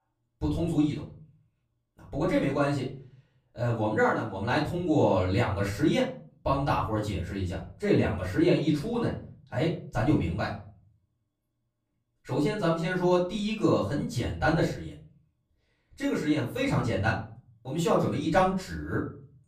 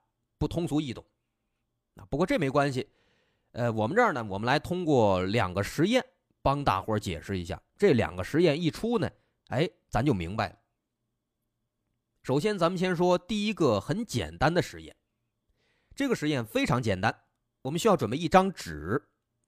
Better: second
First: off-mic speech; far // room echo; slight; dies away in 0.4 s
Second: none

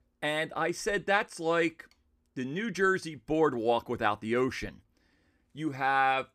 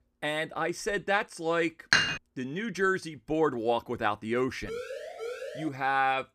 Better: first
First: none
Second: clattering dishes; loud; at 2 s; peak 6 dB above the speech // siren; noticeable; from 4.5 to 5.5 s; peak 8 dB below the speech

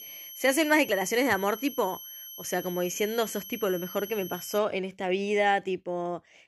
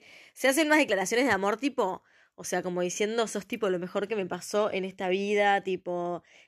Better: second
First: high-pitched whine; noticeable; until 4.5 s; 11.5 kHz, 10 dB below the speech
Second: none

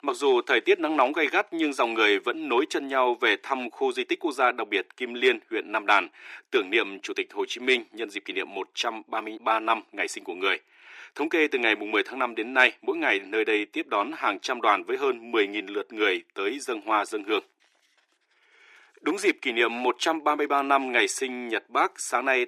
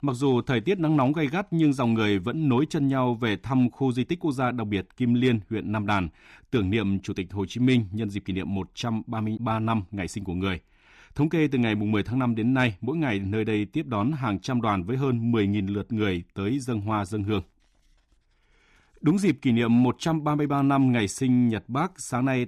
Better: second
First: thin; very; fading below 350 Hz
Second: none

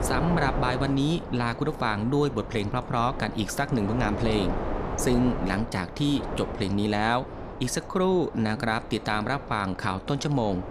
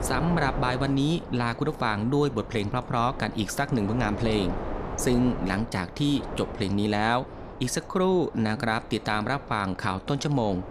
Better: second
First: wind noise on the microphone; heavy; 8 dB below the speech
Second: wind noise on the microphone; occasional gusts; 10 dB below the speech

